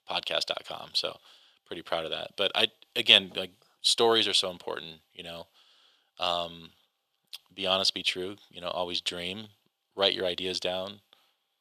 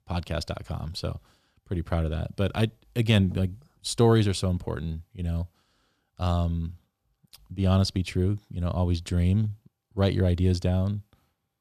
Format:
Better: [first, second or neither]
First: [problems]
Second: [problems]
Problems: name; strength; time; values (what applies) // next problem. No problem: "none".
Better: second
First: thin; very; fading below 550 Hz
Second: none